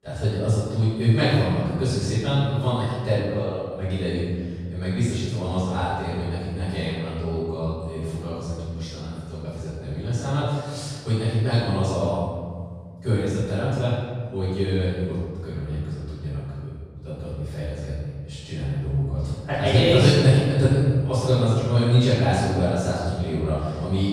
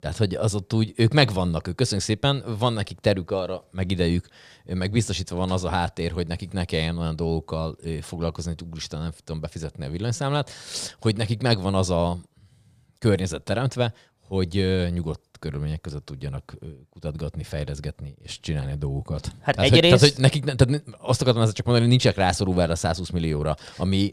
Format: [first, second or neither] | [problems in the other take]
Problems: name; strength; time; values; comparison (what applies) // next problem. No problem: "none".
second | off-mic speech; far // room echo; strong; dies away in 1.7 s